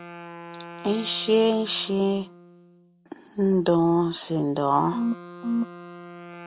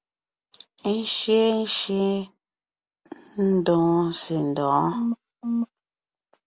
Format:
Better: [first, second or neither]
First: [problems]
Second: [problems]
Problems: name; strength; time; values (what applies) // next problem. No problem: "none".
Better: second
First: background sound (Wind instrument, woodwind instrument); 18 dB below the speech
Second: none